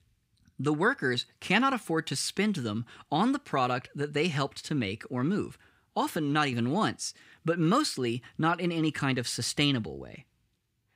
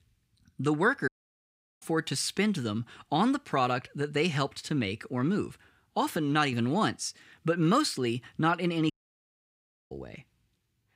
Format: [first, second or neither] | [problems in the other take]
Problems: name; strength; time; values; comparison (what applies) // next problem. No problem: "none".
first | audio cutting out; at 1 s for 0.5 s and at 9 s for 1 s